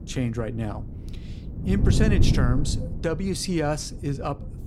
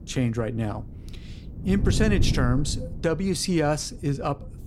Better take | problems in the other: second | wind noise on the microphone; heavy; 7 dB below the speech; occasional gusts in the second

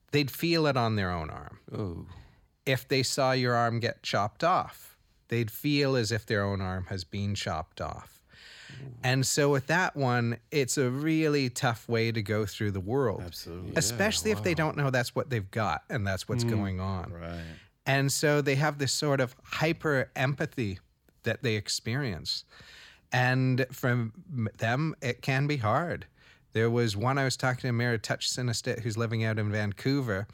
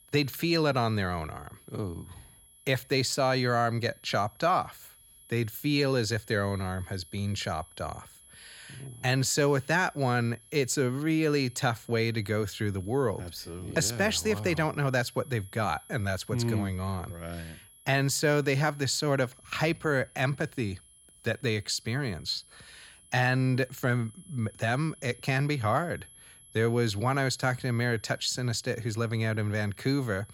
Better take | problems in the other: first | high-pitched whine; faint; throughout; 11 kHz, 25 dB below the speech

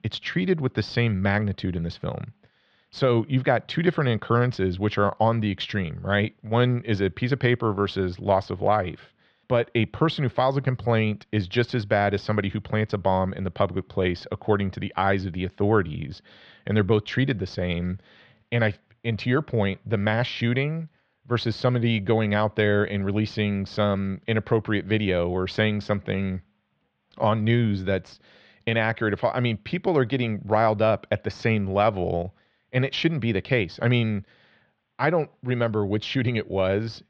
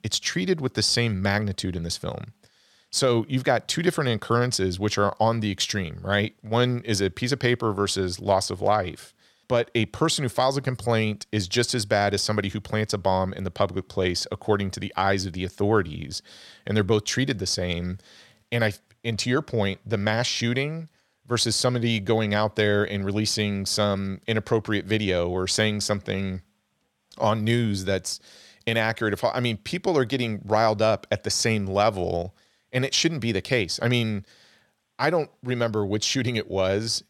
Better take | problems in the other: second | muffled; slightly; fading above 3.5 kHz

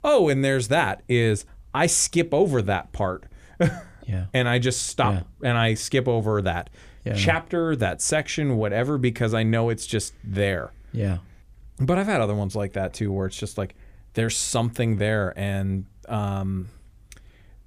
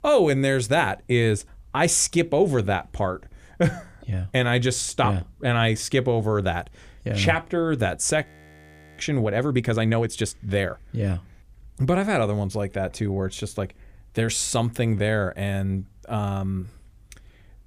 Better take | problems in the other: first | audio freezing; at 8.5 s for 0.5 s

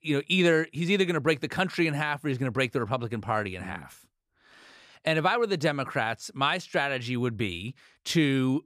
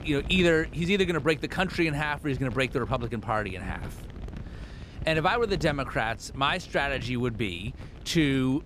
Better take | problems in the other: first | wind noise on the microphone; occasional gusts; 20 dB below the speech

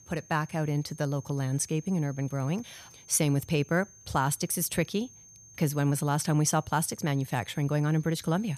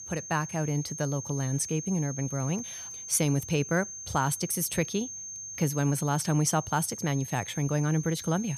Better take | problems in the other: first | high-pitched whine; loud; throughout; 6.5 kHz, 9 dB below the speech; faint in the first

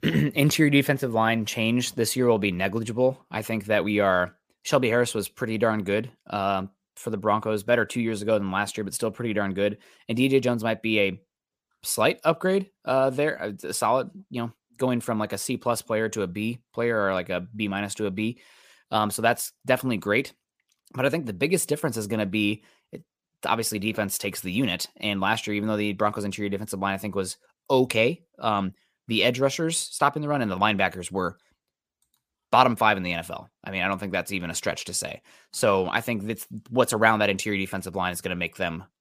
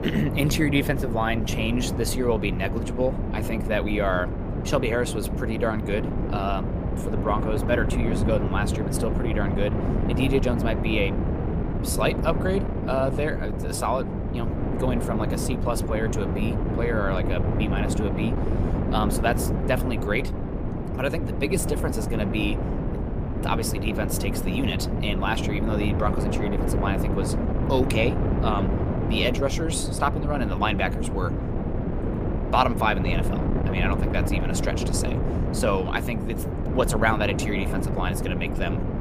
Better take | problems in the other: first | wind noise on the microphone; heavy; 5 dB below the speech

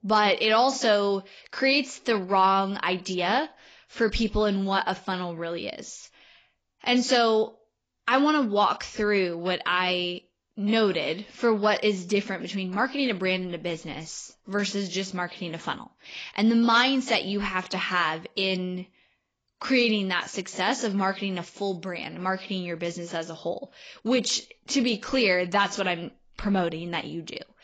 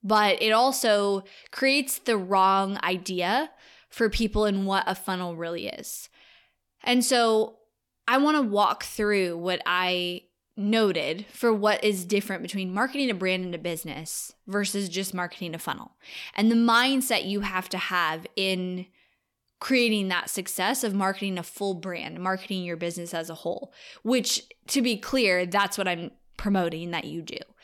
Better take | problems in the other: second | garbled, watery; badly; nothing above 7.5 kHz

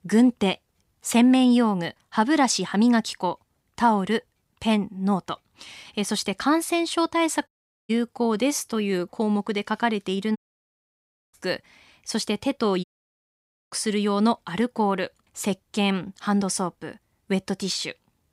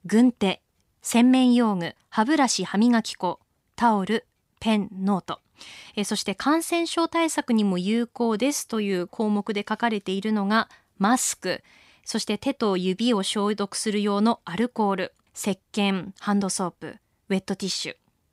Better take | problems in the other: second | audio cutting out; at 7.5 s, at 10 s for 1 s and at 13 s for 1 s

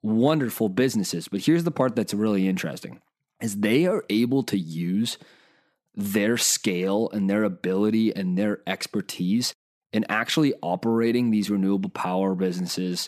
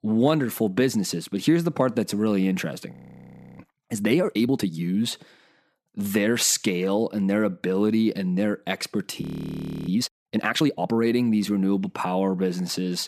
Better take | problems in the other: first | audio freezing; at 3 s for 0.5 s and at 9 s for 0.5 s

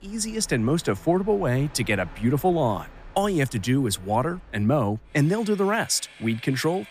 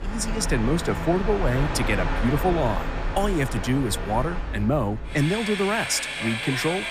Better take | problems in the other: first | train or aircraft noise; loud; throughout; 4 dB below the speech; faint in the first

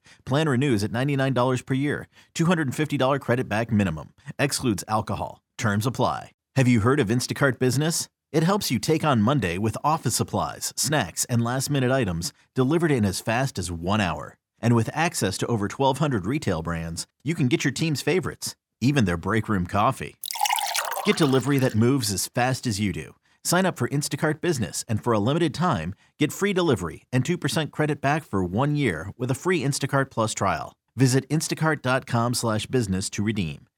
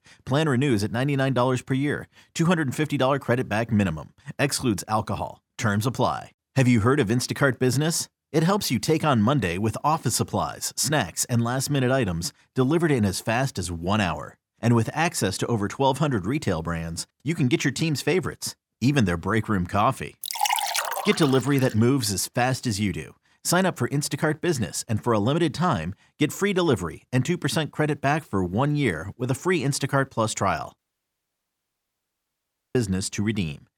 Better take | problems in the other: first | audio cutting out; at 31 s for 2 s

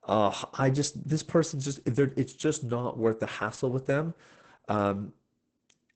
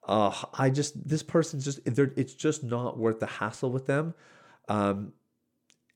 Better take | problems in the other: second | garbled, watery; badly; nothing above 8 kHz

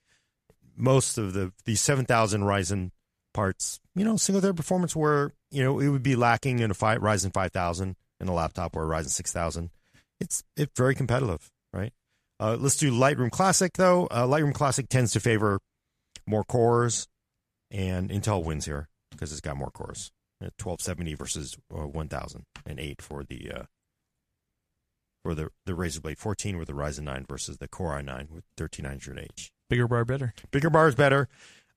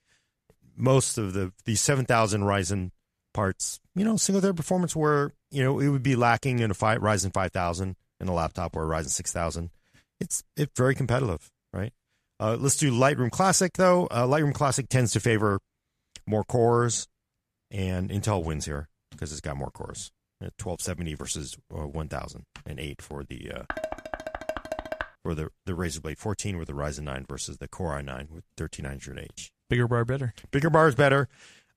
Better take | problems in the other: first | clattering dishes; noticeable; from 24 to 25 s; peak 8 dB below the speech

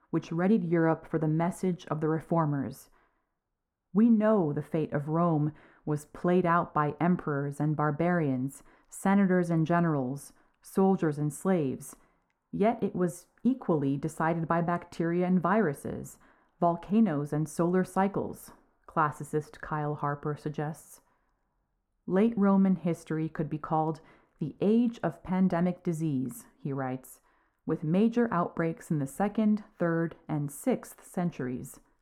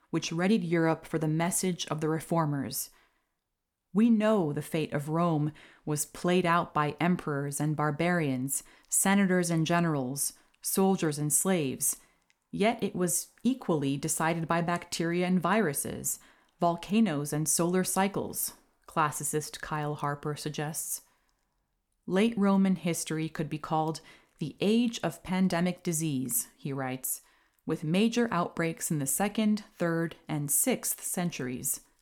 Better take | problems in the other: second | muffled; very; fading above 2 kHz

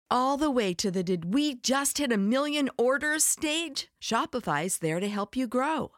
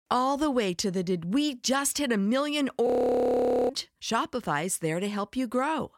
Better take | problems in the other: first | audio freezing; at 3 s for 1 s

